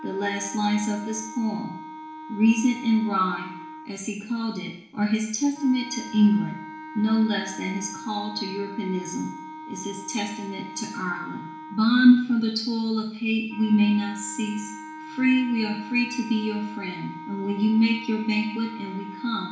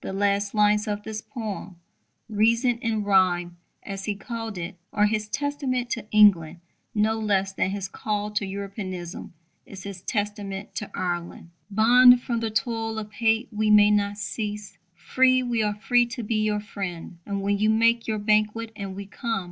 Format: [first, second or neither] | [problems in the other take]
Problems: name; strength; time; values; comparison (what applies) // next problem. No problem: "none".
second | background sound (Wind instrument, woodwind instrument); 15 dB below the speech // room echo; dies away in 0.7 s